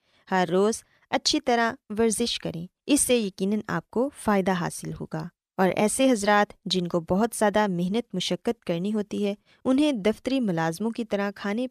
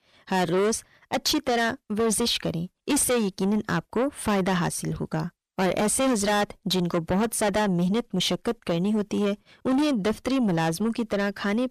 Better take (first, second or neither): first